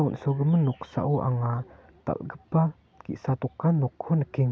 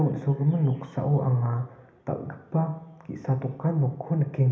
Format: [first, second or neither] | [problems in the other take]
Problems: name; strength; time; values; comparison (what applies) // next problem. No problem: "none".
first | room echo; dies away in 1 s